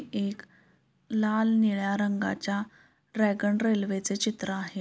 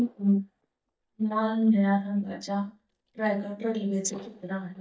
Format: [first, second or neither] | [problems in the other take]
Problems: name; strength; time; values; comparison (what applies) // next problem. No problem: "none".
first | noise reduction (neural mask model DeepFilterNet 3)